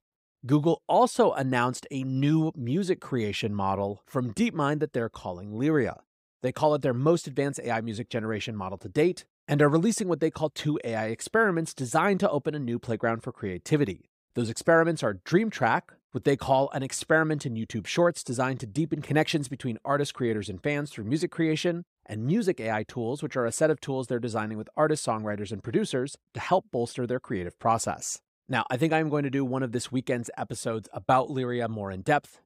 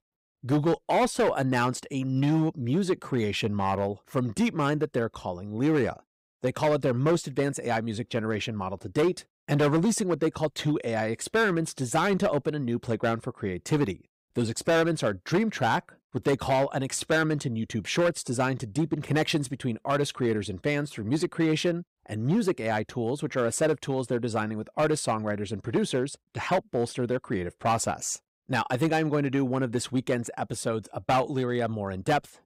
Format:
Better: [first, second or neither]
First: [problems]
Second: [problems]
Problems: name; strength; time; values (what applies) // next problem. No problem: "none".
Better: first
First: none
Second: distortion; slight; 6% of the sound clipped